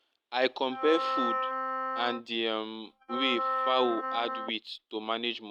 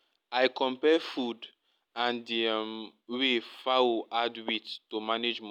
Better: second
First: noise reduction (neural mask model RNNoise)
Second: none

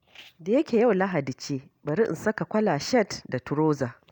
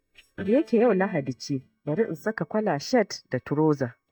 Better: first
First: none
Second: noise reduction (neural mask model DeepFilterNet 3)

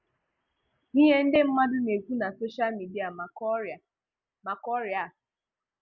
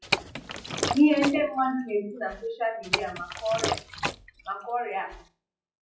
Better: first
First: none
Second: noise reduction (classical method WPE with log-MMSE)

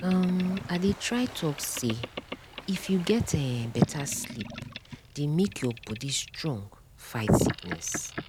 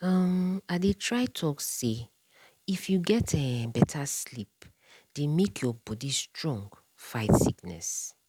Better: second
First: background sound (Boat, Water vehicle); 13 dB below the speech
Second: none

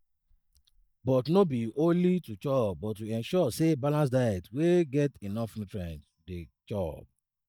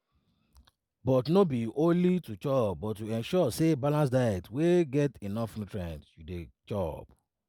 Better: second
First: noise reduction (neural mask model DeepFilterNet 3)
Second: none

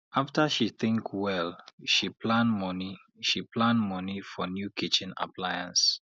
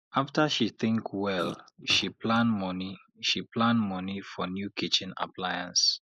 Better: first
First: none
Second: noise reduction (neural mask model Resemble Enhance denoiser)

